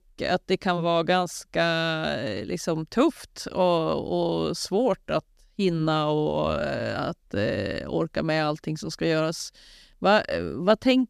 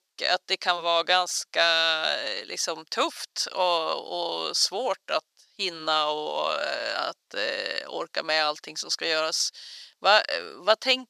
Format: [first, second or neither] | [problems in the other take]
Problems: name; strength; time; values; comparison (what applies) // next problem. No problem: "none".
first | thin; very; fading below 800 Hz